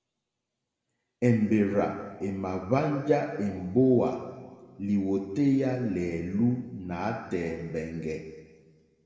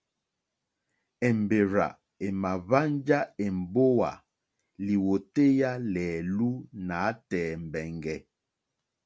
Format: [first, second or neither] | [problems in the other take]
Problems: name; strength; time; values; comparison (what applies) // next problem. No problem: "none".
second | room echo; dies away in 1.6 s